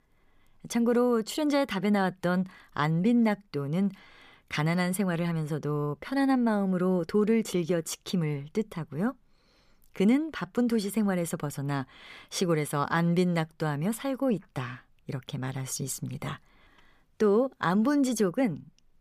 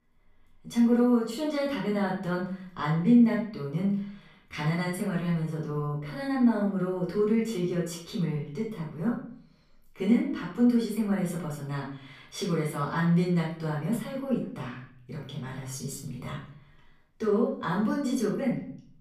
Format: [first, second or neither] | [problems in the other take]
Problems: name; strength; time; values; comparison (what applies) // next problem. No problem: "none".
first | off-mic speech; far // room echo; noticeable; dies away in 0.5 s